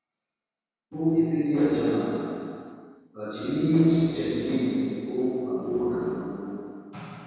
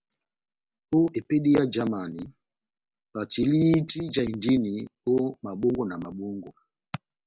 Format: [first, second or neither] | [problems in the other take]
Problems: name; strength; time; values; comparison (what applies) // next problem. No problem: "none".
second | room echo; dies away in 2.2 s